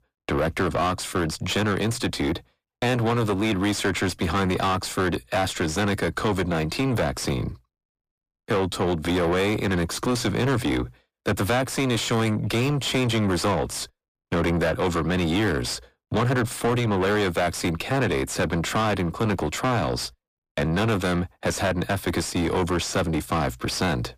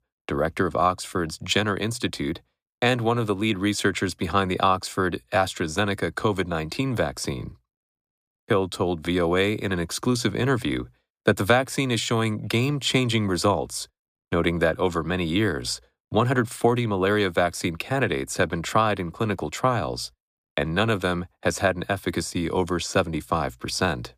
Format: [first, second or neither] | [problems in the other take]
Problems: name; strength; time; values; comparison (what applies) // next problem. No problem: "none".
second | distortion; heavy; 6 dB below the speech